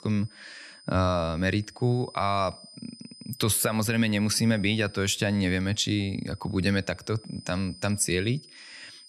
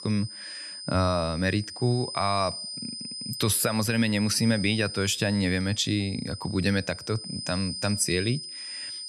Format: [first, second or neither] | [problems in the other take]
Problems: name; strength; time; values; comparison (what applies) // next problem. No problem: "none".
first | high-pitched whine; loud; throughout; 5 kHz, 9 dB below the speech; faint in the first